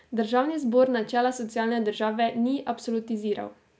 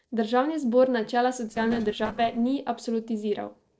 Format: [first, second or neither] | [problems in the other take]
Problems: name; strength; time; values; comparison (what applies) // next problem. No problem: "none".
first | noise reduction (neural separator model SepFormer DNS4)